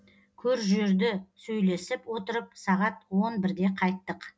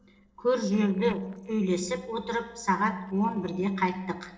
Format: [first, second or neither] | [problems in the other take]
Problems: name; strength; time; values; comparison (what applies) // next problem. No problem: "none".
first | noise reduction (neural separator model SepFormer DNS4)